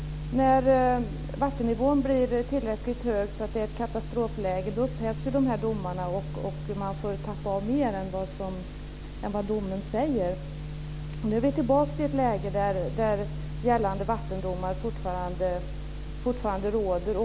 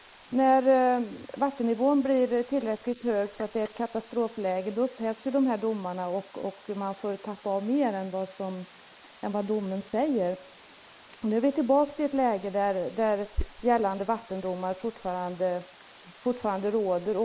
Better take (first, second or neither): first